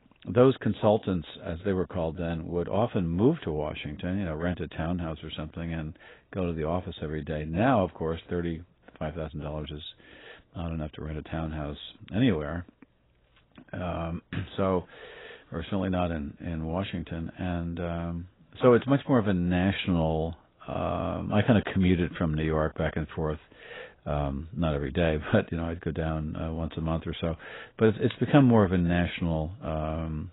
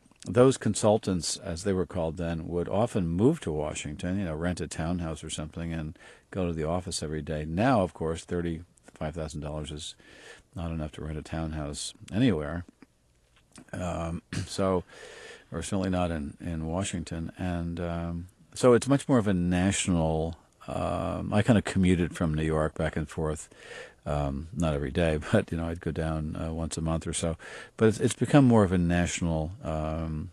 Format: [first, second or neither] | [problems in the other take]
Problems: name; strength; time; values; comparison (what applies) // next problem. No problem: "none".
second | garbled, watery; badly; nothing above 4 kHz; slightly in the second